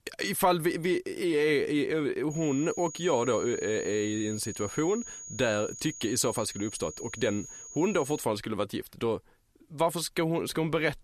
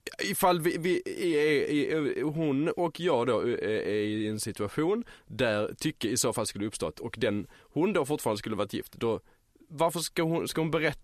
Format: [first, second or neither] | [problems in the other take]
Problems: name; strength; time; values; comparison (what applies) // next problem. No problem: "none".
second | high-pitched whine; noticeable; from 2.5 to 8 s; 6.5 kHz, 10 dB below the speech